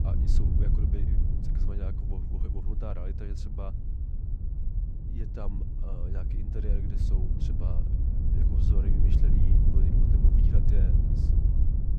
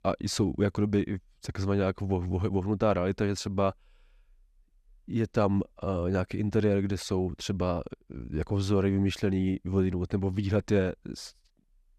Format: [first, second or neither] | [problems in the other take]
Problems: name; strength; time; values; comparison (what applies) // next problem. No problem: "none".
second | wind noise on the microphone; heavy; 3 dB above the speech